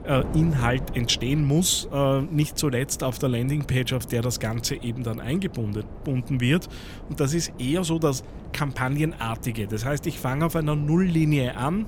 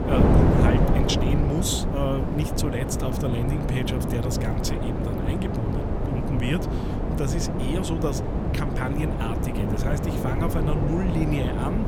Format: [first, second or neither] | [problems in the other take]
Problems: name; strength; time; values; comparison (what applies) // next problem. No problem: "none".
first | wind noise on the microphone; heavy; 1 dB above the speech; occasional gusts in the first